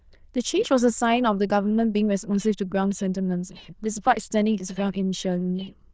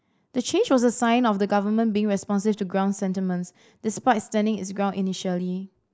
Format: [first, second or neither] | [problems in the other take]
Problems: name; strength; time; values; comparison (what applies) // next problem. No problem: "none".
second | noise reduction (neural diffusion model UNIVERSE++)